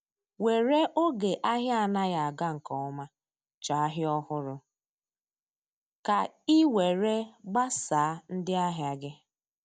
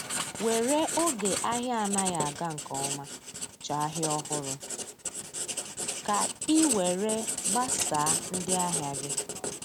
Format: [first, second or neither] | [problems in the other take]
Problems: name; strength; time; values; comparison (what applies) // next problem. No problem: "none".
first | background sound (Writing); 2 dB below the speech